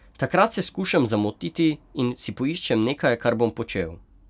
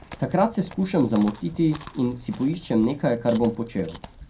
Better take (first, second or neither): first